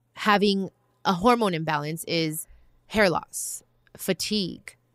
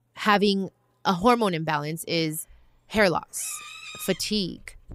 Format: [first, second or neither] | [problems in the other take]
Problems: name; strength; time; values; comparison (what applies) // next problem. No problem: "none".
first | animal sounds; noticeable; from 3 s on; 15 dB below the speech